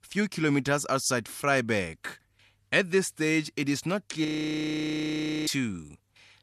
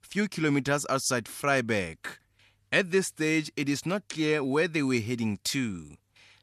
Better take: second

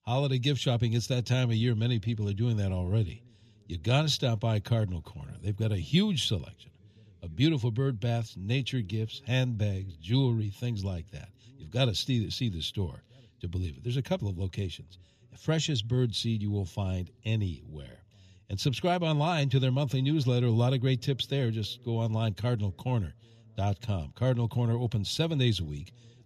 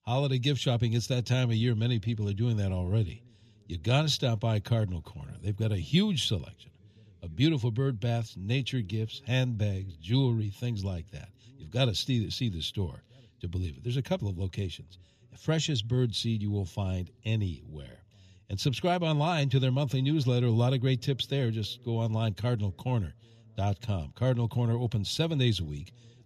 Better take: neither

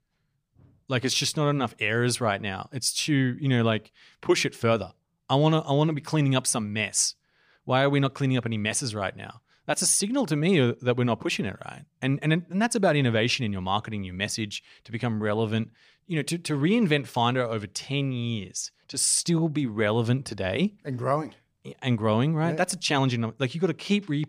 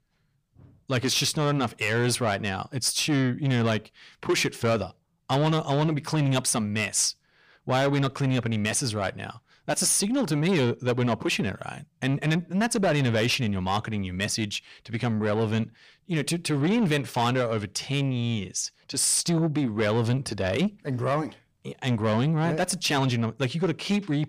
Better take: first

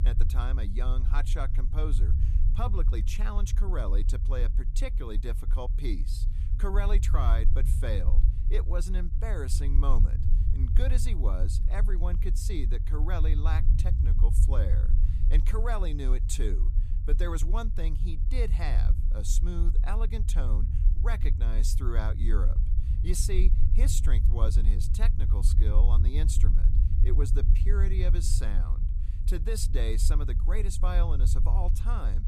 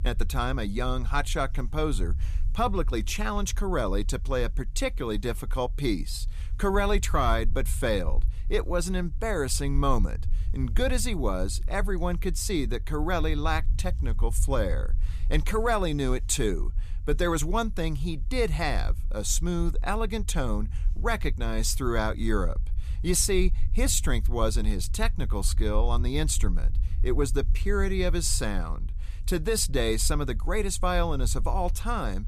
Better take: second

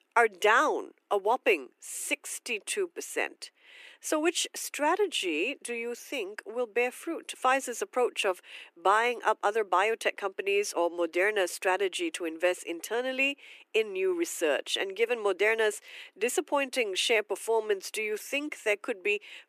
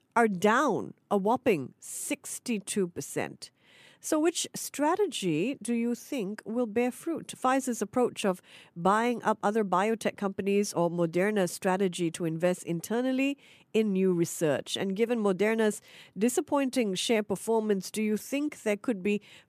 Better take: second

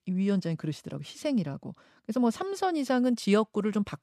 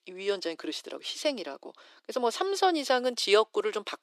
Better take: first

